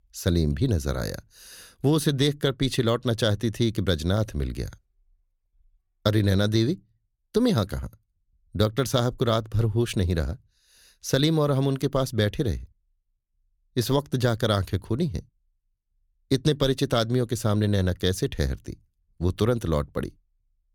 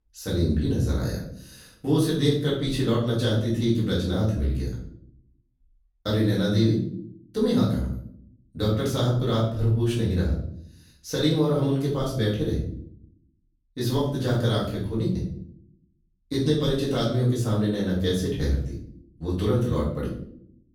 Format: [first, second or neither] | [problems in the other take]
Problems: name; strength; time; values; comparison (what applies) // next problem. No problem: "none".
first | off-mic speech; far // room echo; noticeable; dies away in 0.6 s